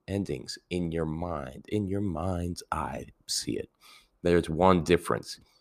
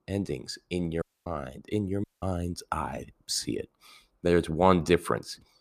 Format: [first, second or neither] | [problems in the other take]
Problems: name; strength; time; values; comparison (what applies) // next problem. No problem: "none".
first | audio cutting out; at 1 s and at 2 s